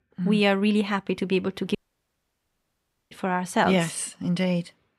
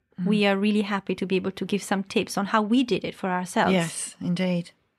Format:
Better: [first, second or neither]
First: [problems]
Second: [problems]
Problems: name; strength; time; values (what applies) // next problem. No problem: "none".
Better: second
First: audio cutting out; at 2 s for 1.5 s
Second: none